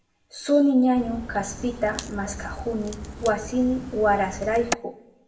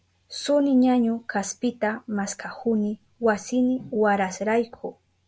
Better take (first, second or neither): second